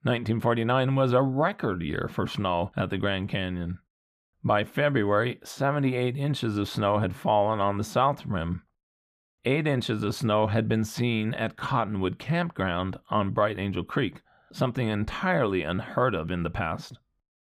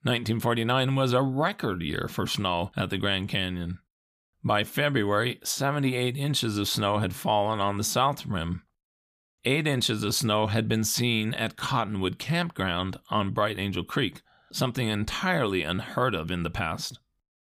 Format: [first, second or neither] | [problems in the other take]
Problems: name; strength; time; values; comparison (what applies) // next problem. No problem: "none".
second | muffled; slightly; fading above 3 kHz